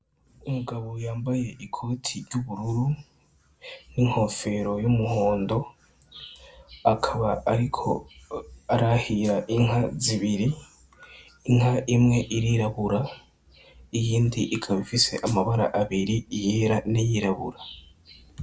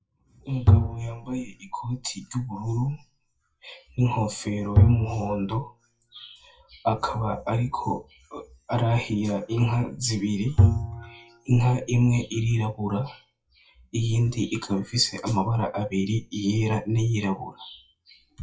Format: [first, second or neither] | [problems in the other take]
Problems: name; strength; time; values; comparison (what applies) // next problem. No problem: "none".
first | noise reduction (classical method WPE with log-MMSE)